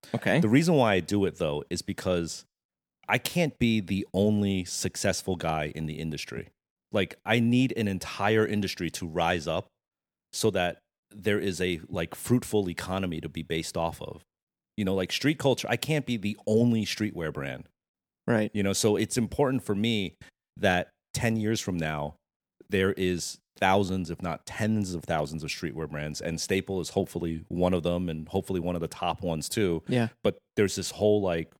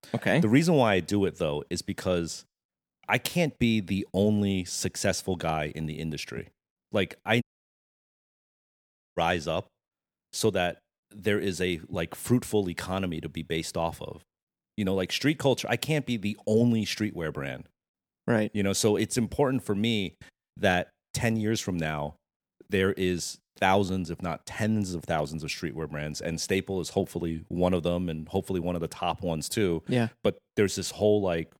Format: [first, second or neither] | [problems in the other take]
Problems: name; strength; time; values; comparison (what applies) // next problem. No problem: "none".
first | audio cutting out; at 7.5 s for 1.5 s